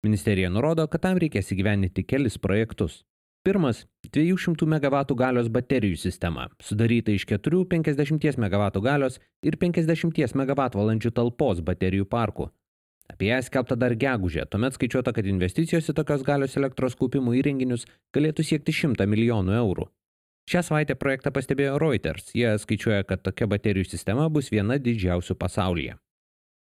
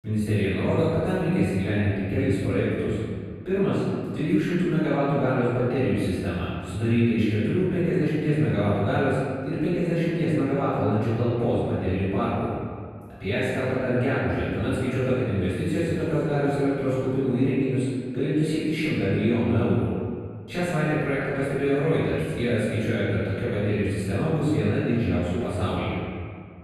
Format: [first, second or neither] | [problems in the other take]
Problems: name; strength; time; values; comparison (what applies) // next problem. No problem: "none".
first | off-mic speech; far // room echo; strong; dies away in 1.8 s